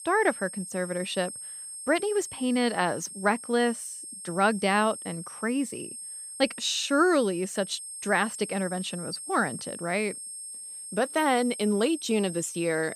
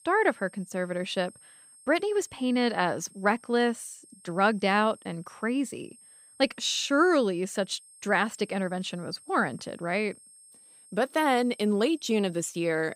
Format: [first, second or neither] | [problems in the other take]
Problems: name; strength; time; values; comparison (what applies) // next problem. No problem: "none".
second | high-pitched whine; loud; throughout; 8.5 kHz, 10 dB below the speech; faint in the second